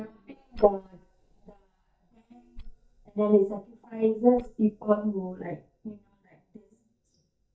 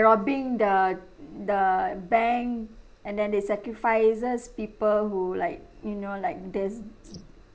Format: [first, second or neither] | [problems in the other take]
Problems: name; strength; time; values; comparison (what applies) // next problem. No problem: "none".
second | noise reduction (neural mask model DeepFilterNet 3)